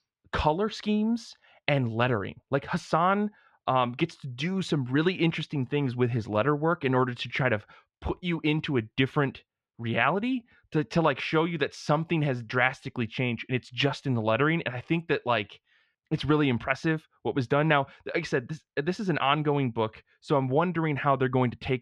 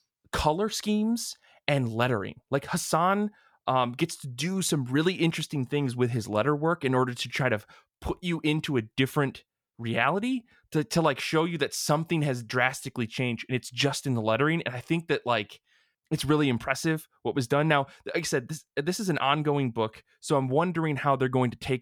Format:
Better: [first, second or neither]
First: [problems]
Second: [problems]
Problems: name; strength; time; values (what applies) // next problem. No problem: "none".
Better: second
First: muffled; slightly; fading above 3 kHz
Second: none